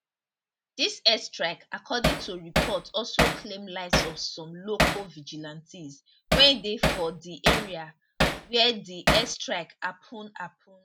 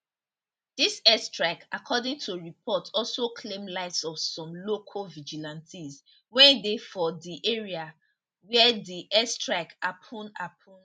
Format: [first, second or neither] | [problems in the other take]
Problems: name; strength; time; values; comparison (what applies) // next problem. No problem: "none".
second | background sound (Hammer); 2 dB above the speech